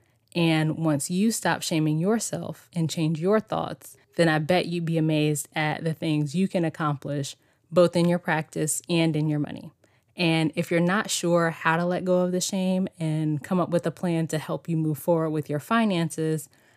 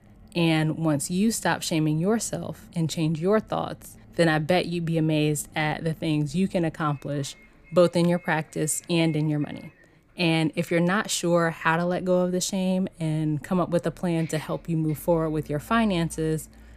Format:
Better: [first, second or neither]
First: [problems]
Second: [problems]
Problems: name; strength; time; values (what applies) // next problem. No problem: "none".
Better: first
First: none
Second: traffic noise; faint; throughout; 25 dB below the speech